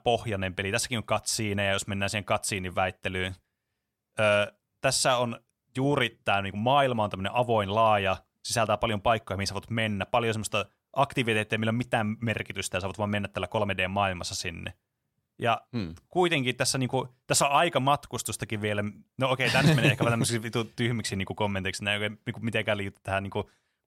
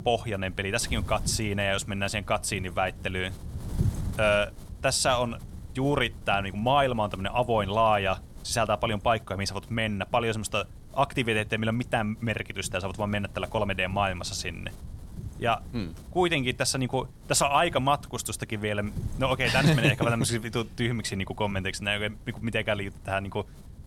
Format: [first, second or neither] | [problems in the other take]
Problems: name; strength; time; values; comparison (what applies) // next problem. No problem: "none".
first | wind noise on the microphone; occasional gusts; 25 dB below the speech